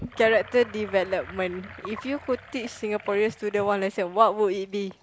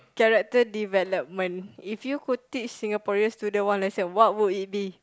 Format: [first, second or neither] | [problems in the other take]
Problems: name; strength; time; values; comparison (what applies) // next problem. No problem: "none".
second | background sound (Sink (filling or washing) / Gurgling); 18 dB below the speech